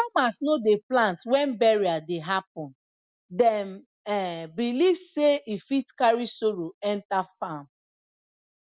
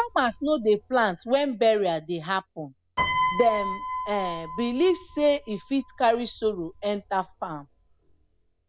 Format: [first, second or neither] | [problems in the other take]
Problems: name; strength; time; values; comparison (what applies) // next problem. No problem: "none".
first | background sound (Piano); 9 dB below the speech